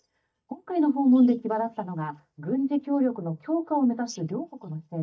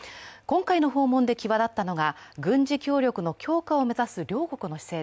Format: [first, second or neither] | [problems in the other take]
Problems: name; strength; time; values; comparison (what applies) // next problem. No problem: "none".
second | noise reduction (neural mask model DeepFilterNet 3)